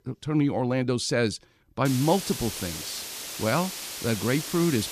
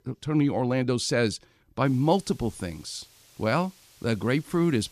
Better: second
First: hiss; loud; from 2 s on; 7 dB below the speech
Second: hiss; faint; from 2 s on; 25 dB below the speech

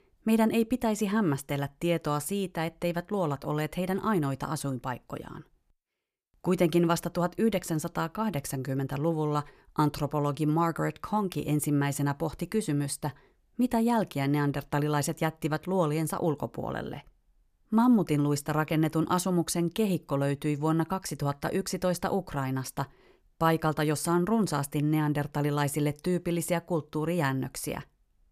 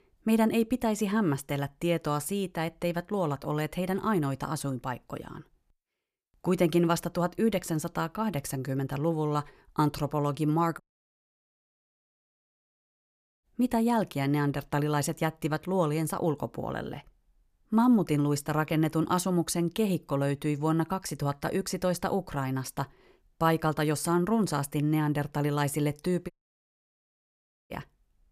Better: first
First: none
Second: audio cutting out; at 11 s for 2.5 s and at 26 s for 1.5 s

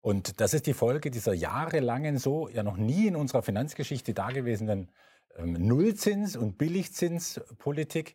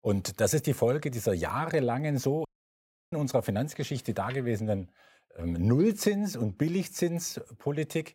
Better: first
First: none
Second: audio cutting out; at 2.5 s for 0.5 s

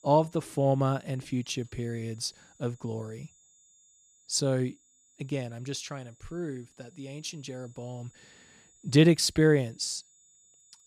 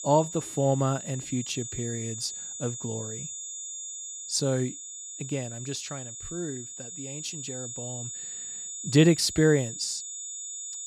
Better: first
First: high-pitched whine; faint; throughout; 7 kHz, 30 dB below the speech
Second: high-pitched whine; loud; throughout; 7 kHz, 8 dB below the speech

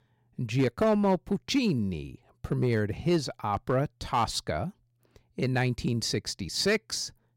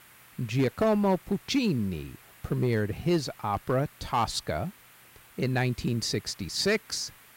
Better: first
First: none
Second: hiss; faint; throughout; 25 dB below the speech

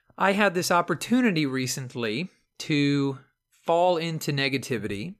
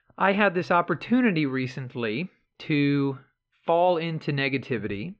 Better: first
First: none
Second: muffled; slightly; fading above 3.5 kHz

